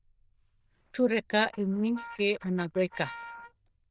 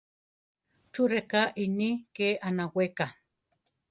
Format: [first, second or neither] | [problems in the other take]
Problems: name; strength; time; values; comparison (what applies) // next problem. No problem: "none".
second | noise reduction (neural diffusion model UNIVERSE++)